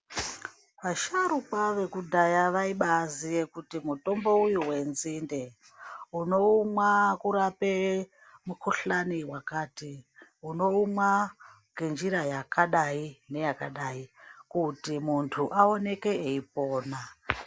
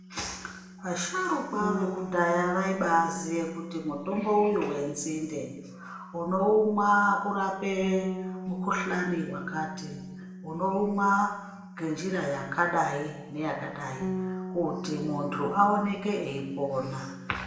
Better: first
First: none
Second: background sound (Bass guitar); 10 dB below the speech // room echo; dies away in 1 s

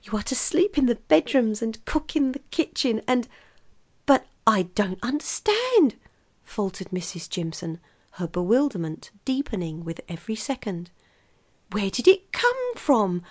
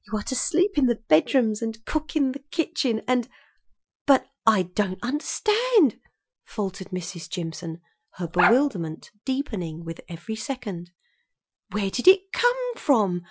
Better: first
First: none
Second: noise reduction (classical method Wiener filter)

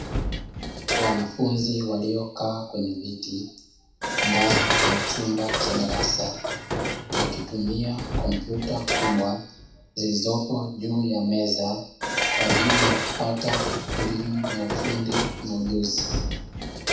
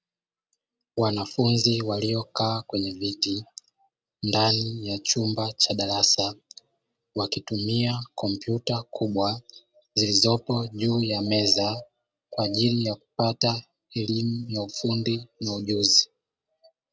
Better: second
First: background sound (Dishes, pots, and pans); as loud as the speech // room echo; dies away in 0.7 s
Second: none

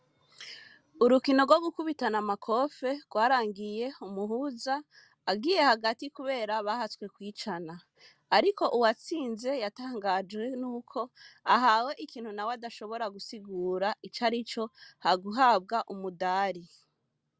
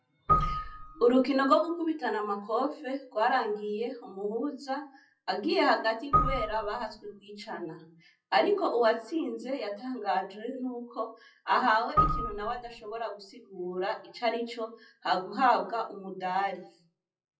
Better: first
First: none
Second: noise reduction (classical method WPE with log-MMSE)

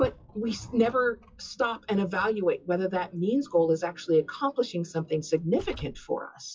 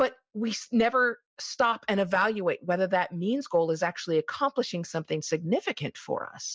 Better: second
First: noise reduction (classical method WPE with log-MMSE)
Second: none

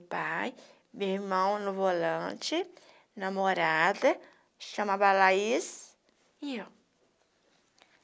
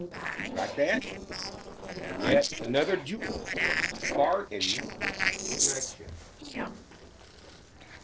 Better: first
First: none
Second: noise reduction (neural separator model SepFormer DNS4)

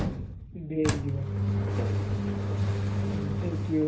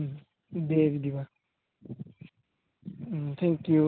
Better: second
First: background sound (Engine); 5 dB above the speech // room echo; dies away in 0.3 s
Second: none

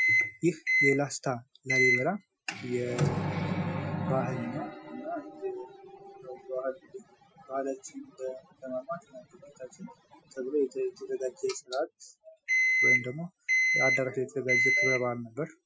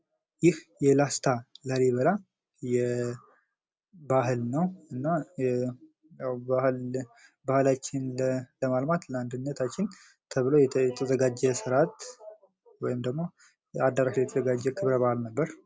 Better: second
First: noise reduction (classical method Wiener filter)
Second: none

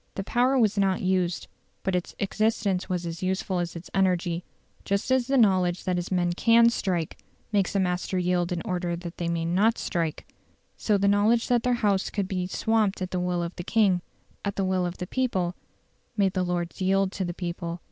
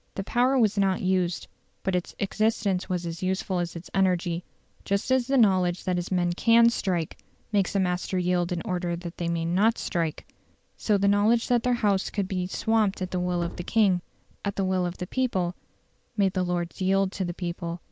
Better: first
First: none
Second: background sound (Subway, metro, underground); 19 dB below the speech

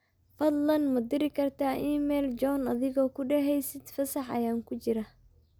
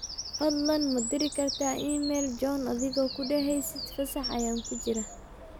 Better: first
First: none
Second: background sound (Bird vocalization, bird call, bird song); 8 dB below the speech

